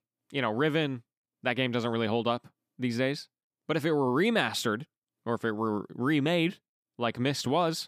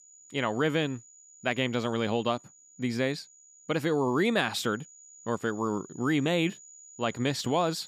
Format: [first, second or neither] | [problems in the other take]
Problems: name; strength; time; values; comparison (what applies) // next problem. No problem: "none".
first | high-pitched whine; faint; throughout; 7 kHz, 20 dB below the speech